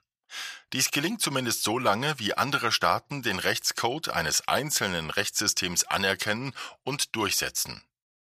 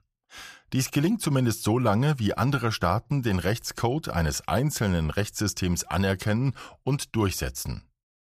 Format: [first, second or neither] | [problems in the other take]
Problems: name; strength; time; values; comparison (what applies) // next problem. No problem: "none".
second | thin; somewhat; fading below 800 Hz